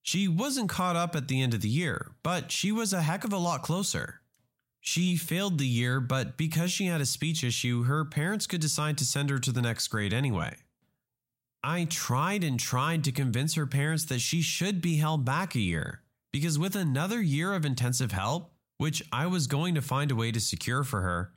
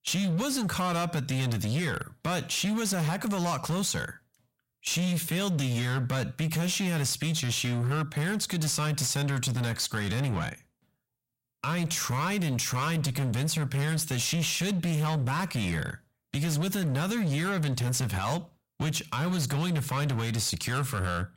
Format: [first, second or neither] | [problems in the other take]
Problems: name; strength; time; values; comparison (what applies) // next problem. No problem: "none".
first | distortion; slight; 24% of the sound clipped